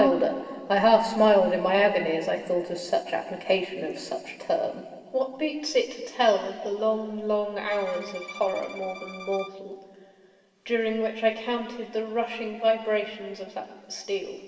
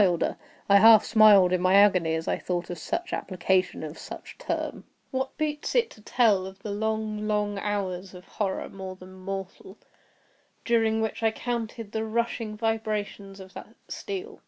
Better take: second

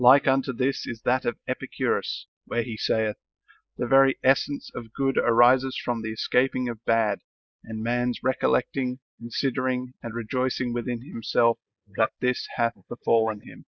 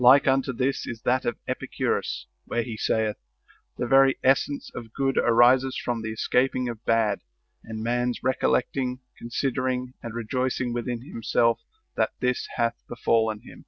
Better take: second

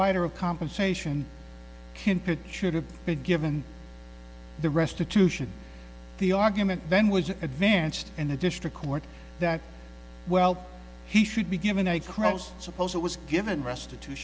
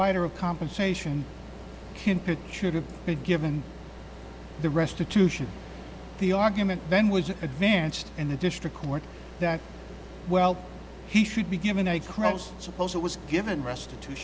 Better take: first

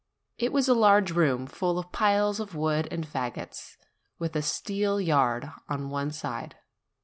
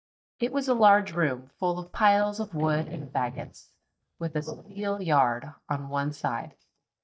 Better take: first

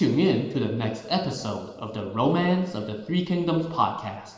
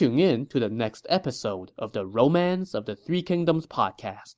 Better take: second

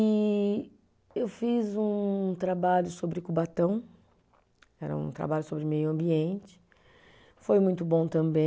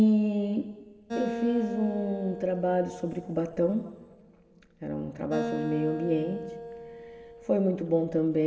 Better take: first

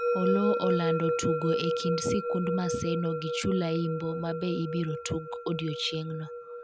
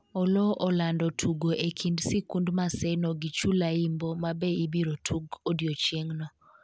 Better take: second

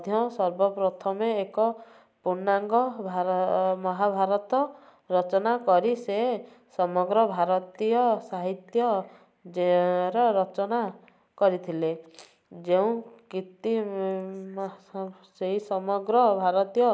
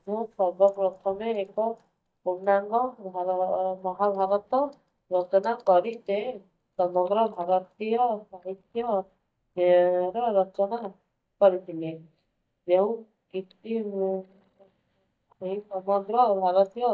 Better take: first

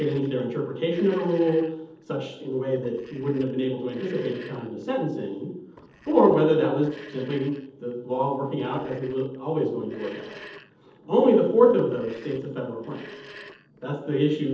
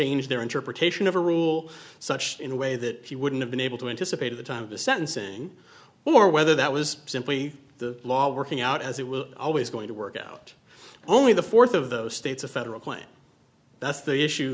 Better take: second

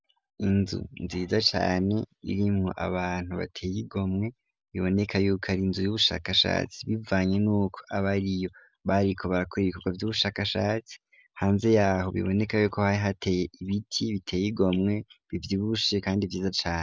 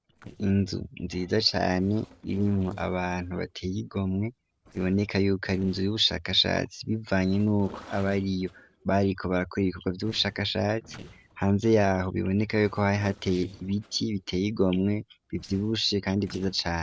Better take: first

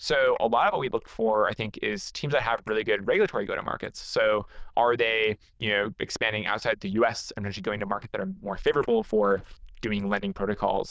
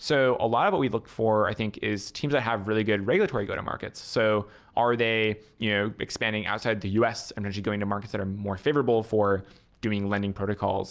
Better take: second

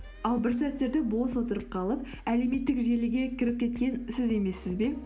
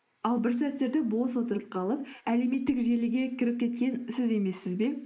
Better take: first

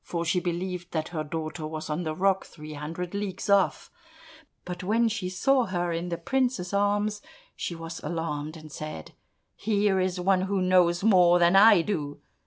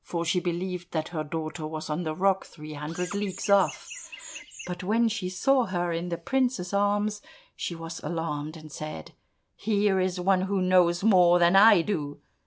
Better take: first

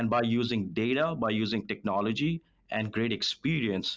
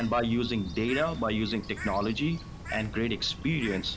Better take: first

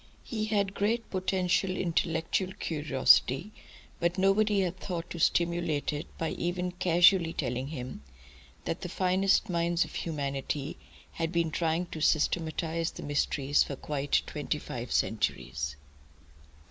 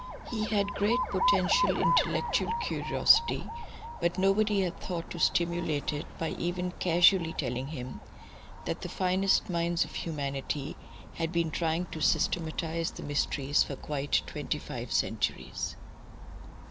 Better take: first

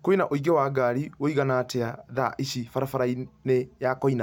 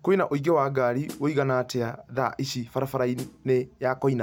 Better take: first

